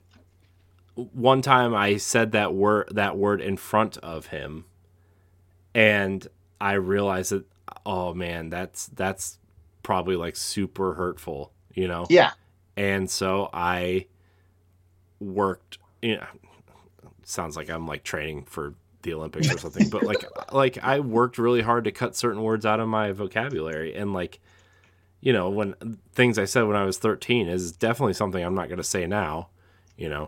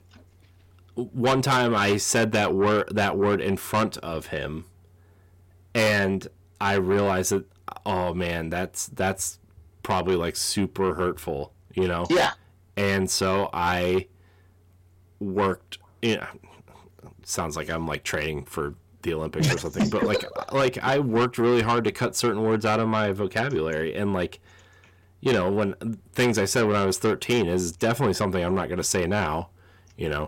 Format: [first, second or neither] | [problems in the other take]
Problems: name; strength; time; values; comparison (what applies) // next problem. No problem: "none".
first | distortion; heavy; 7 dB below the speech